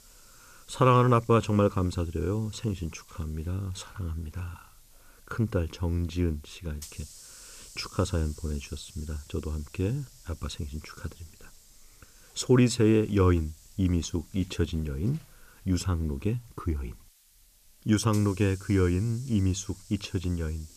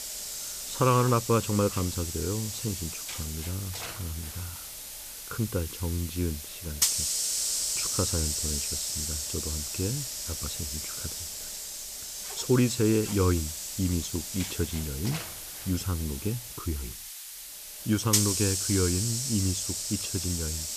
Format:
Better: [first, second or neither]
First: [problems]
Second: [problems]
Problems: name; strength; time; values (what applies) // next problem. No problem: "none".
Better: first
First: hiss; faint; throughout; 25 dB below the speech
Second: hiss; loud; throughout; 1 dB below the speech